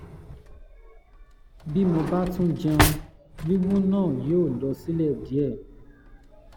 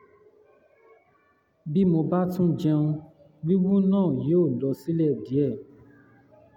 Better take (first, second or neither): second